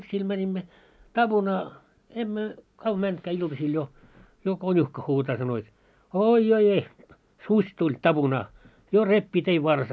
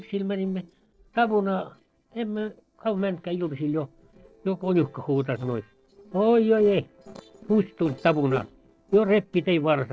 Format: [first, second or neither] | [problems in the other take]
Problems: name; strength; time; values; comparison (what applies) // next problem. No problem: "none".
first | noise reduction (neural separator model SepFormer DNS4)